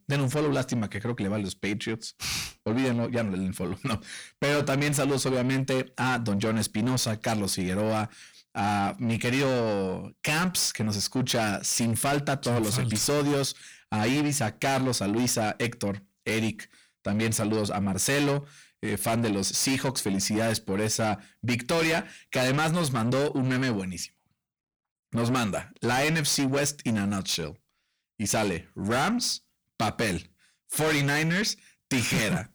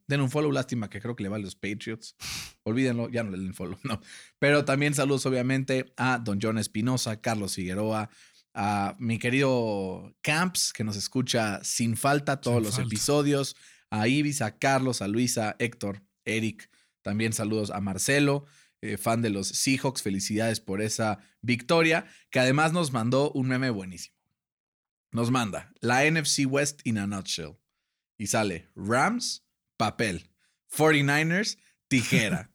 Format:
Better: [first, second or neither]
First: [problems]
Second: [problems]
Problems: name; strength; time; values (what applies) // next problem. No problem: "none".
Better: second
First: distortion; heavy; 8 dB below the speech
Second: none